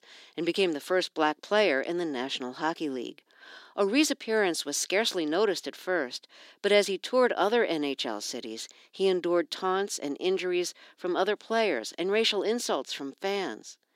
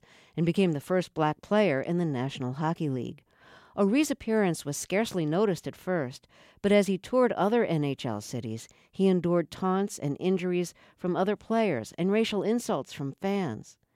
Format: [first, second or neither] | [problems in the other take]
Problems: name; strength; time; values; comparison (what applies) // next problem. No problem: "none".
second | thin; somewhat; fading below 300 Hz